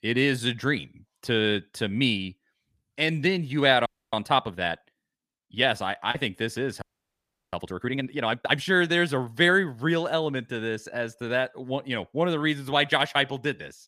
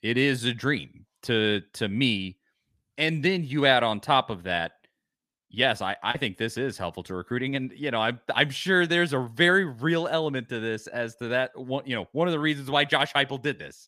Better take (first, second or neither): second